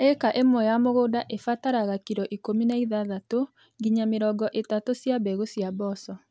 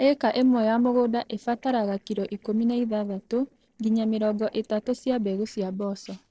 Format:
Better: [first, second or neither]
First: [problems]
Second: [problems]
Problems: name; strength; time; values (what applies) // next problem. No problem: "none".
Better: first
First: none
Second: noise reduction (neural separator model SepFormer DNS4)